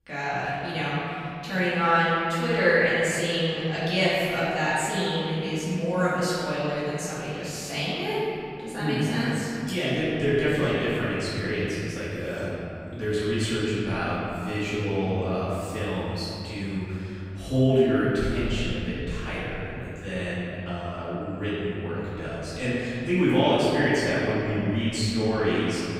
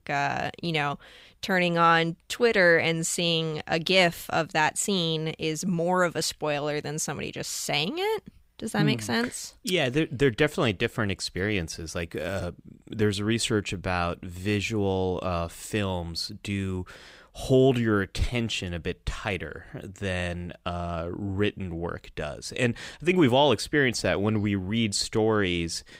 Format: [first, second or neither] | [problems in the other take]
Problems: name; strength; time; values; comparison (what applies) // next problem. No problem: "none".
second | off-mic speech; far // room echo; strong; dies away in 2.6 s